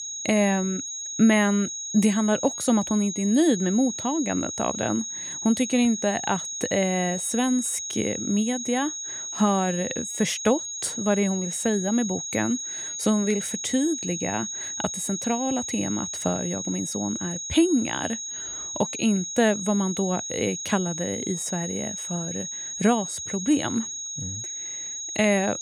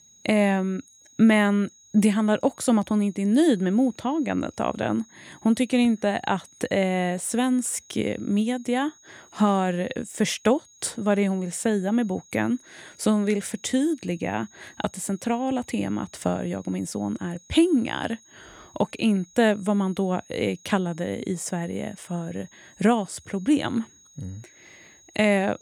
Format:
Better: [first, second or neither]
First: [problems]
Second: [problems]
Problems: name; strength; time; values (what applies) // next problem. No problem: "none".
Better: second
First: high-pitched whine; loud; throughout; 6.5 kHz, 5 dB below the speech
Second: high-pitched whine; faint; throughout; 6.5 kHz, 25 dB below the speech